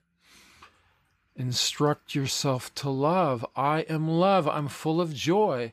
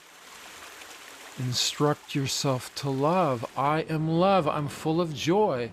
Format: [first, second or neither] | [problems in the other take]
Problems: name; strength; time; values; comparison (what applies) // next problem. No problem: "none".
first | rain or running water; noticeable; throughout; 20 dB below the speech